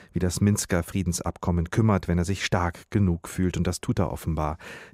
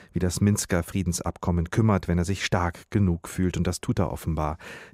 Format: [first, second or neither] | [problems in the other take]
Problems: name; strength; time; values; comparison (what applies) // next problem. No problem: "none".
neither | none